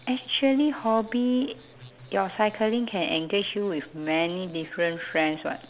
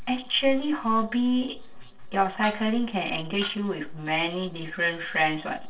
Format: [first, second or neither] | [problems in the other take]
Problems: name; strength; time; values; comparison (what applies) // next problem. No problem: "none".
first | noise reduction (neural separator model SepFormer DNS4)